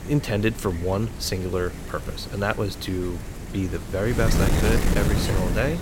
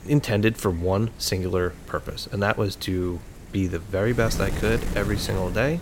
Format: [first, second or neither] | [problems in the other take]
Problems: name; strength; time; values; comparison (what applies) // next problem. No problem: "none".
second | wind noise on the microphone; heavy; 5 dB below the speech; occasional gusts in the second